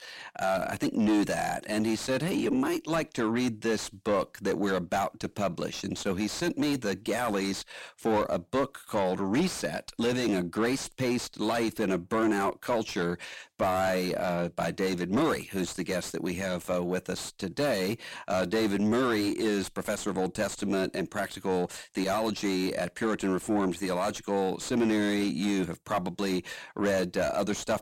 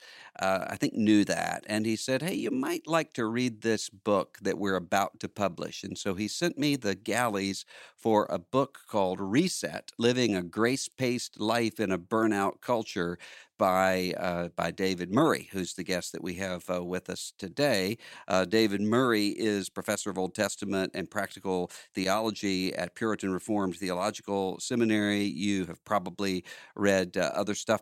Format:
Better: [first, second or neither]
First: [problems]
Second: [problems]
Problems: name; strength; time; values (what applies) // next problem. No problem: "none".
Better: second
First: distortion; heavy; 6 dB below the speech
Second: none